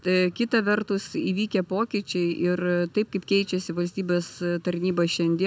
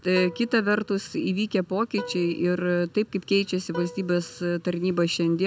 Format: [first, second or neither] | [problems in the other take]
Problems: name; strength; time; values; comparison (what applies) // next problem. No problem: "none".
first | background sound (Plucked string instrument); 18 dB below the speech